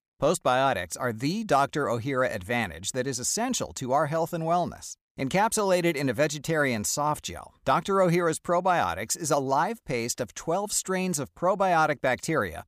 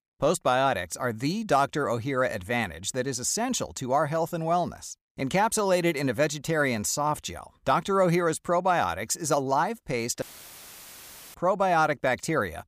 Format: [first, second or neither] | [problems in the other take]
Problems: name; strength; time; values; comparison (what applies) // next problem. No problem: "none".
first | audio cutting out; filled with static; at 10 s for 1 s